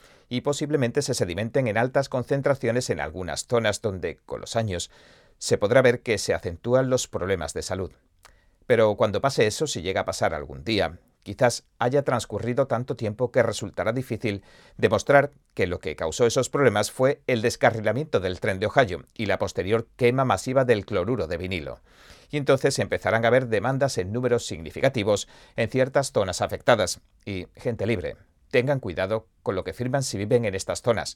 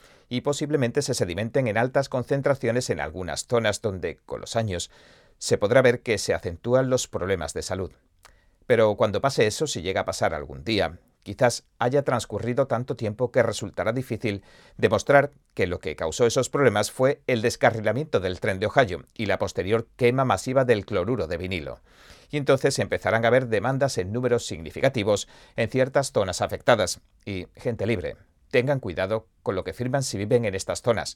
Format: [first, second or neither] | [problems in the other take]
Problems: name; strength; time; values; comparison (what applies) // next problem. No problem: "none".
neither | none